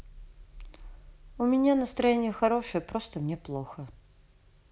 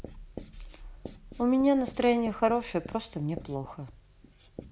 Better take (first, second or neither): first